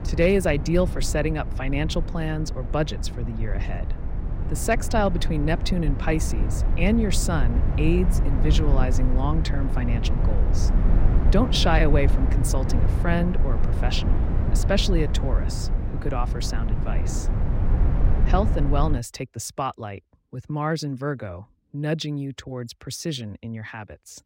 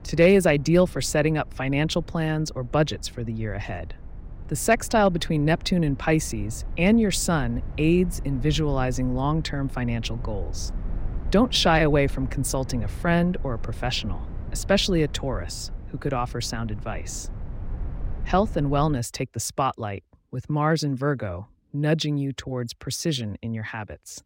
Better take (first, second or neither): second